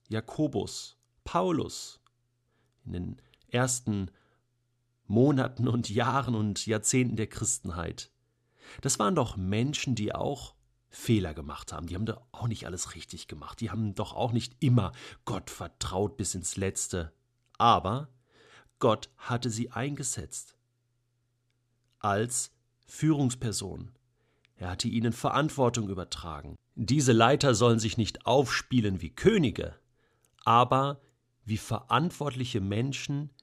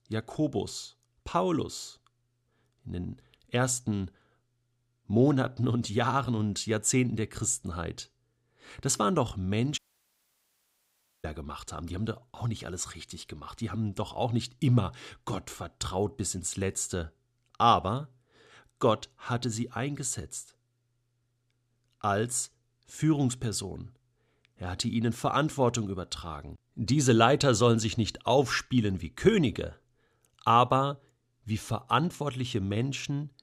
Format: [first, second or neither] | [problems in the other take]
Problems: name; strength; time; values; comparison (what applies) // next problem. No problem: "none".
first | audio cutting out; at 10 s for 1.5 s